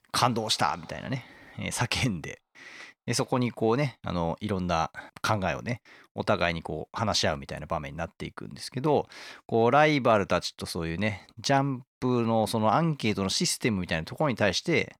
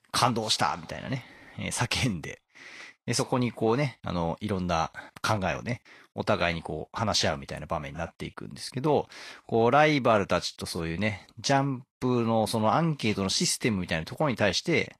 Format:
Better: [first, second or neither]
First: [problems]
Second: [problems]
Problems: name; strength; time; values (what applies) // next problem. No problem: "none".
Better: first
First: none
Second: garbled, watery; slightly; nothing above 12.5 kHz